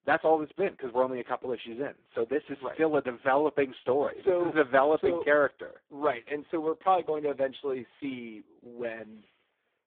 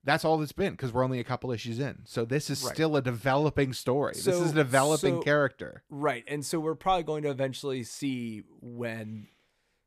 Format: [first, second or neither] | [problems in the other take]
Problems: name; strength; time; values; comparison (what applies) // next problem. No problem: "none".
second | phone-call audio; poor line